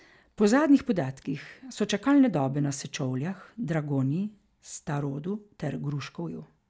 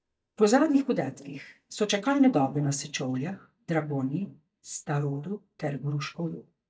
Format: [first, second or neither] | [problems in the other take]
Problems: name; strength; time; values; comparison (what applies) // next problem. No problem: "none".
first | noise reduction (neural mask model DeepFilterNet 3)